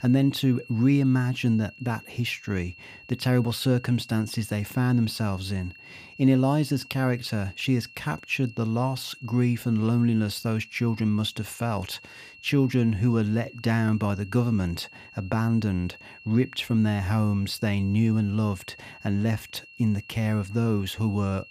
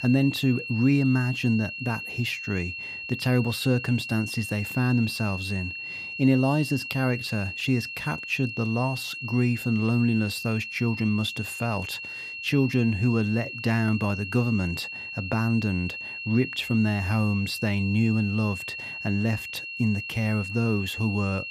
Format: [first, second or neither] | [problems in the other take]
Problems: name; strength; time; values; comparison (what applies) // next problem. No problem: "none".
first | high-pitched whine; loud; throughout; 2.5 kHz, 7 dB below the speech; faint in the first